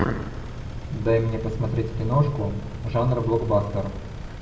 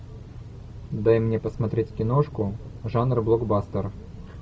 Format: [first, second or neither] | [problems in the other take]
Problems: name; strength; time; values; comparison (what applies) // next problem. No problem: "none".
second | background sound (Engine); 11 dB below the speech // room echo; dies away in 0.9 s